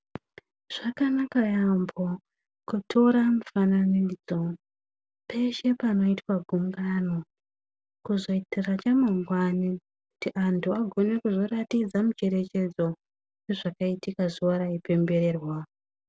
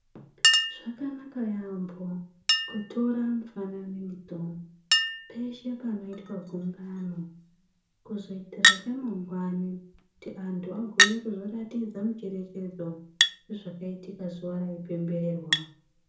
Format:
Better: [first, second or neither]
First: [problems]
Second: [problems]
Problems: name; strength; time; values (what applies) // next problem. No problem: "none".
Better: first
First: none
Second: background sound (Chink, clink); 3 dB above the speech // room echo; dies away in 0.6 s